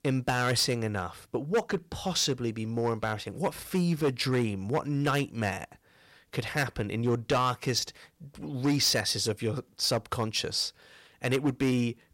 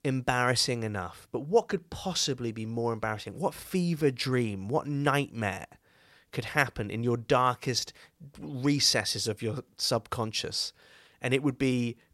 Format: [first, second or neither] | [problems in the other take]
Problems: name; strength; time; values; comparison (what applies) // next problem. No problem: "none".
second | distortion; slight; 5% of the sound clipped